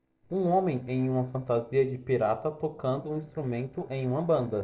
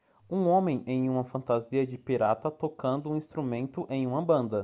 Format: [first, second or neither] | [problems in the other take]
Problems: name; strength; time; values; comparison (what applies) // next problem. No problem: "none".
second | noise reduction (neural separator model SepFormer DNS4)